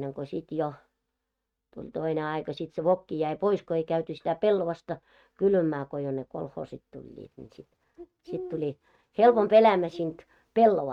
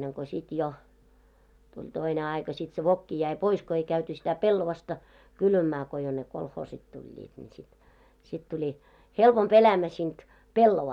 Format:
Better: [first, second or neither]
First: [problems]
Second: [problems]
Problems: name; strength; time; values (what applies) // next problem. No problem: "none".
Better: second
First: noise reduction (neural mask model RNNoise)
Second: none